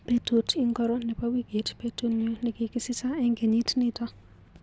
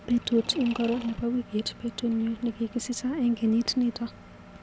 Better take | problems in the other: first | background sound (Engine + Mechanisms); 18 dB below the speech

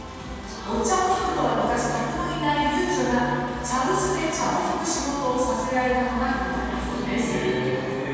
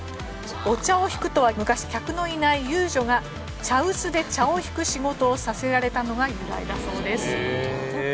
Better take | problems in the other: second | room echo; dies away in 2.1 s

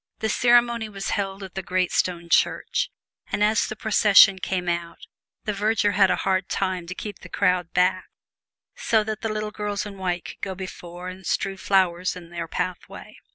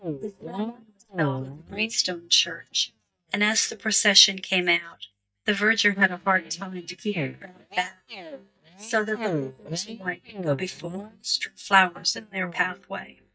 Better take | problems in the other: first | noise reduction (neural mask model DeepFilterNet 3)

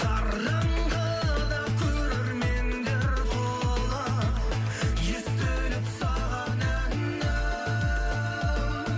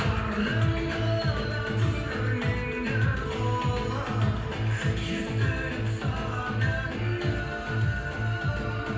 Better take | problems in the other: first | room echo; dies away in 0.9 s

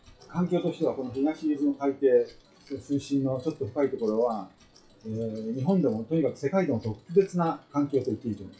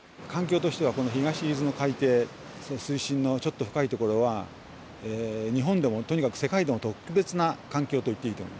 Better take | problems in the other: second | noise reduction (classical method WPE with log-MMSE)

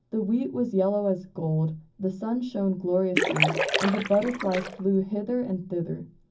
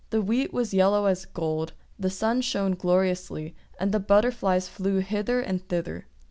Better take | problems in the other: second | background sound (Splash, splatter); 1 dB below the speech // room echo; dies away in 0.4 s

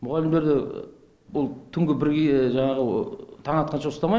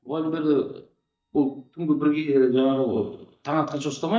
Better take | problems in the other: first | noise reduction (neural mask model DeepFilterNet 3)

